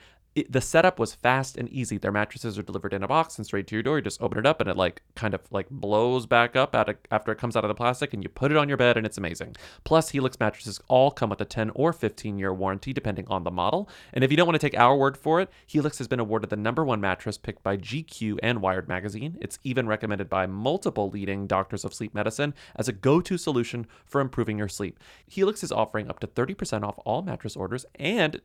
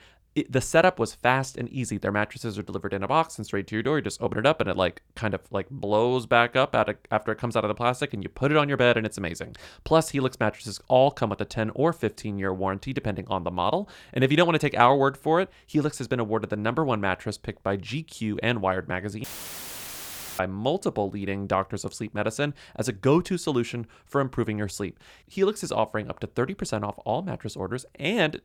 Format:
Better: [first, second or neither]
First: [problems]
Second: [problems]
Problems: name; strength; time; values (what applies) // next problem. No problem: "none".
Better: first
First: none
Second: audio cutting out; filled with static; at 19 s for 1 s